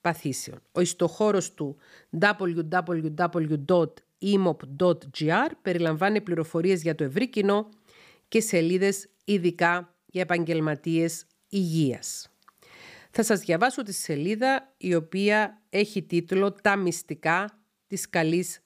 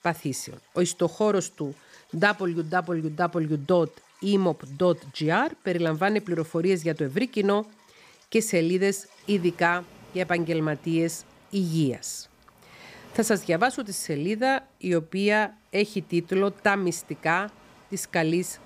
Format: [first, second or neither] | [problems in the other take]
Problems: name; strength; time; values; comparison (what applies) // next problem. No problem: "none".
first | rain or running water; faint; throughout; 30 dB below the speech